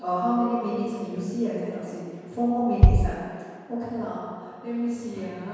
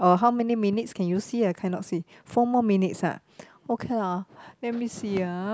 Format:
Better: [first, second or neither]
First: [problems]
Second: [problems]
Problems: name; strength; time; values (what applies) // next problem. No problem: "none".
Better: second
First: background sound (Bass drum); 5 dB above the speech // room echo; dies away in 1.9 s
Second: none